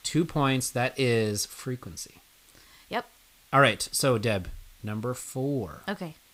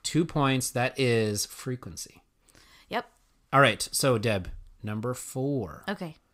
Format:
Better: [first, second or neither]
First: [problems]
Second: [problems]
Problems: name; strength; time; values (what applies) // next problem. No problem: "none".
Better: second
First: hiss; faint; throughout; 30 dB below the speech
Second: none